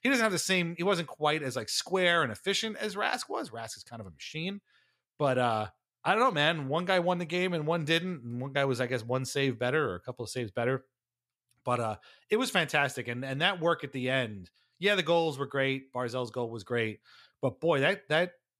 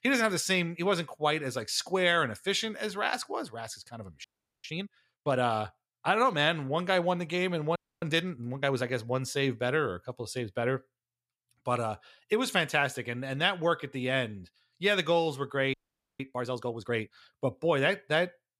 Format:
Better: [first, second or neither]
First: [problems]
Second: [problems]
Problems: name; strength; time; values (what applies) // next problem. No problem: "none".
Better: first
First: none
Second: audio freezing; at 4 s, at 8 s and at 16 s